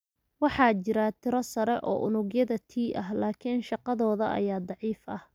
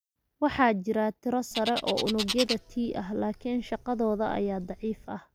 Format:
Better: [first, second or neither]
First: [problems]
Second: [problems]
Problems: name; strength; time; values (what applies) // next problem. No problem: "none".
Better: first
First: none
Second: background sound (Bird); 9 dB below the speech